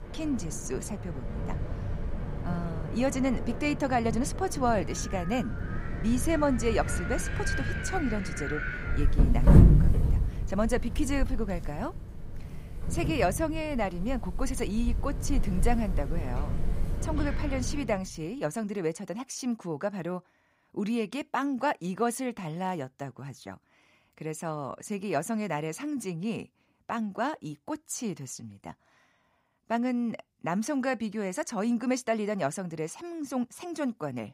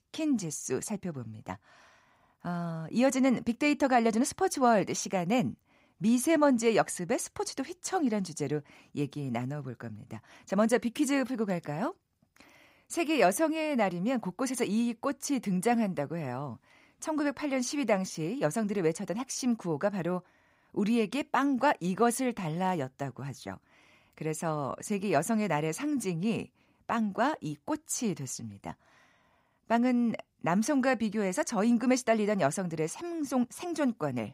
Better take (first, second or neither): second